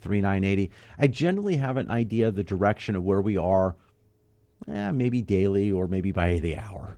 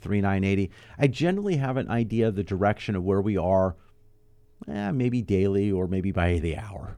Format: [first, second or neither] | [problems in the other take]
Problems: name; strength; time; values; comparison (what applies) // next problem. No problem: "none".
second | garbled, watery; slightly